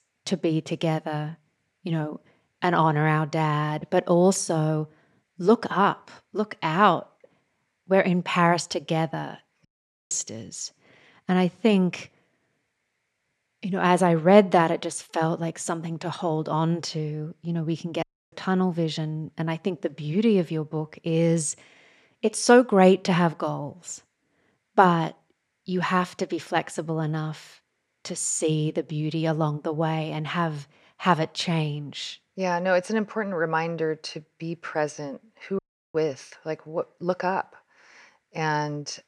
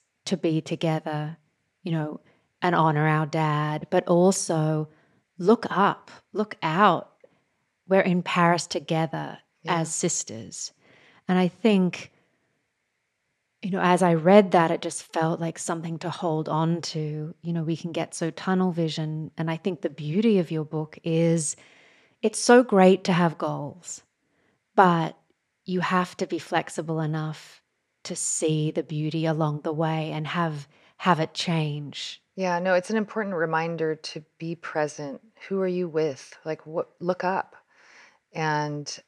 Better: second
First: audio cutting out; at 9.5 s, at 18 s and at 36 s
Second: none

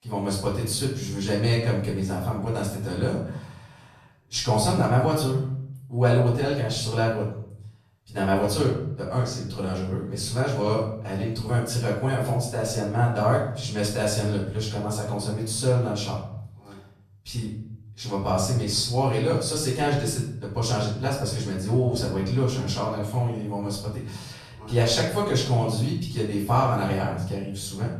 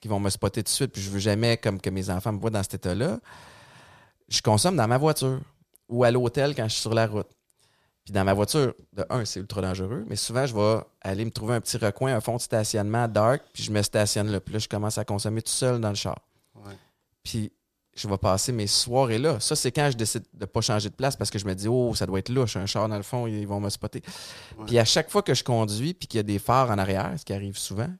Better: second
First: off-mic speech; far // room echo; noticeable; dies away in 0.7 s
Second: none

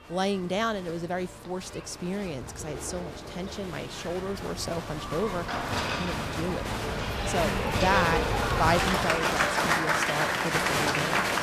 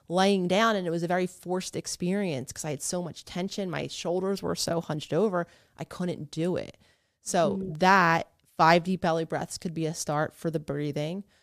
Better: second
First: crowd noise; very loud; throughout; 4 dB above the speech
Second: none

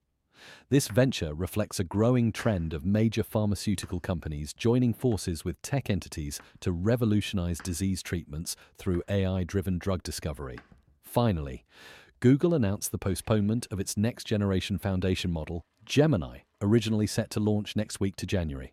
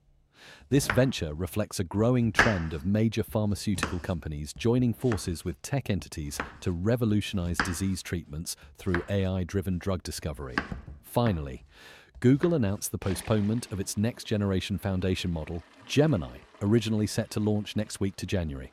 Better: first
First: household noises; faint; throughout; 25 dB below the speech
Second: household noises; loud; throughout; 5 dB below the speech

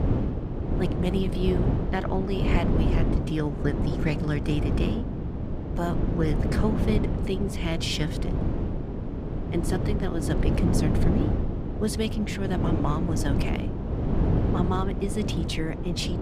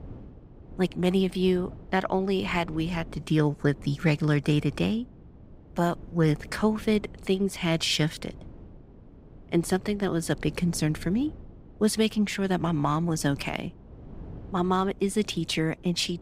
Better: second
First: wind noise on the microphone; heavy; 2 dB below the speech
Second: wind noise on the microphone; occasional gusts; 25 dB below the speech

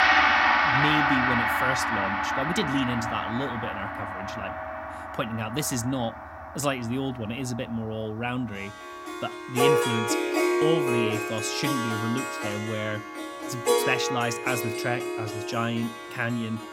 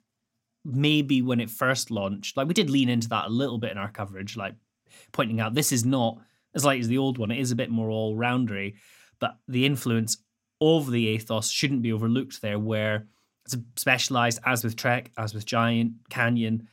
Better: second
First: background music; very loud; throughout; 4 dB above the speech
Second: none

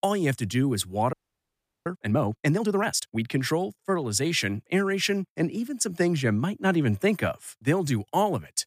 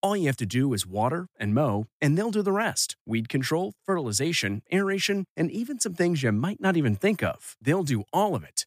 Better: second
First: audio freezing; at 1 s for 0.5 s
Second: none

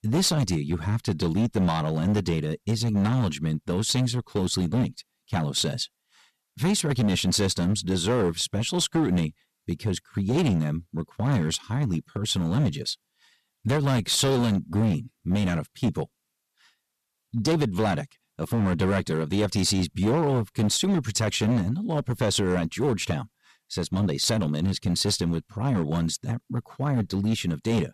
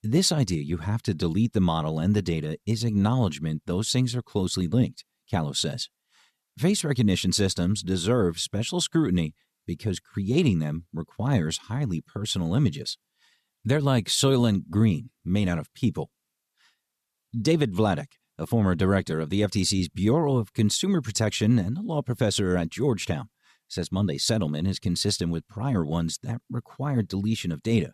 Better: second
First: distortion; slight; 9% of the sound clipped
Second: none

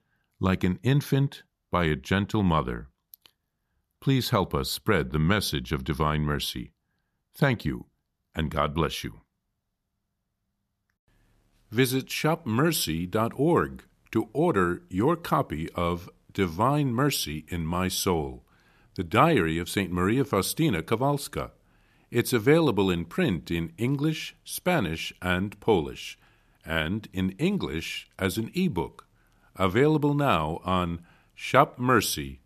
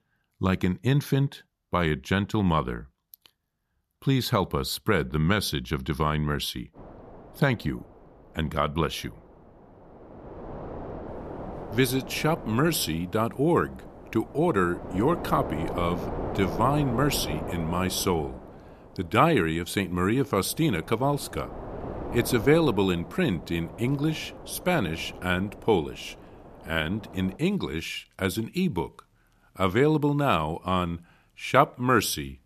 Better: first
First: none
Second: wind noise on the microphone; occasional gusts; from 7 to 27 s; 10 dB below the speech

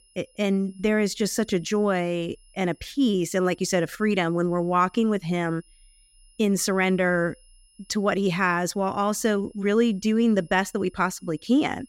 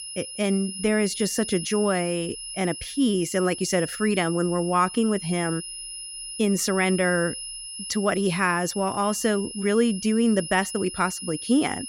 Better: first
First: high-pitched whine; faint; throughout; 10.5 kHz, 35 dB below the speech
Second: high-pitched whine; loud; throughout; 10.5 kHz, 9 dB below the speech

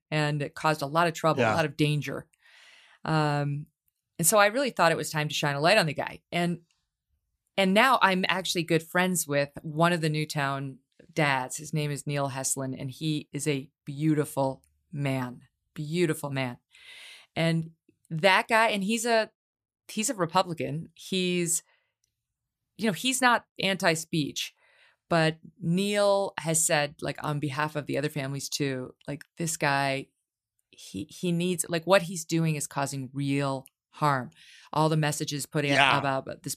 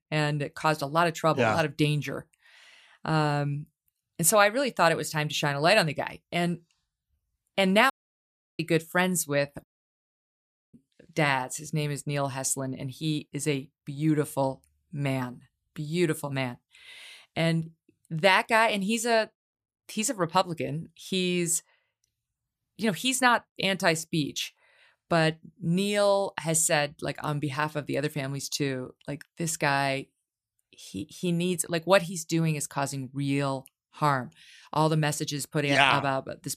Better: first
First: none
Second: audio cutting out; at 8 s for 0.5 s and at 9.5 s for 1 s

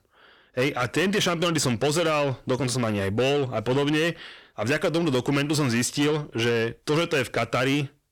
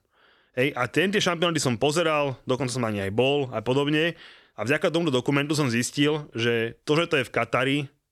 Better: second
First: distortion; slight; 10 dB below the speech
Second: none

